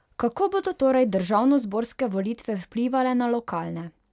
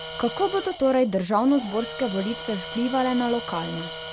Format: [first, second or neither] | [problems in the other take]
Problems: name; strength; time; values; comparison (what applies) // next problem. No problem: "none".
first | background sound (Tools); 11 dB below the speech